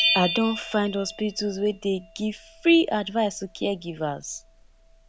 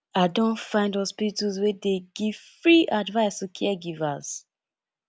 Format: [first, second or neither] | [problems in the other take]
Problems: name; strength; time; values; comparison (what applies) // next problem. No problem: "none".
second | background sound (Bell); 8 dB below the speech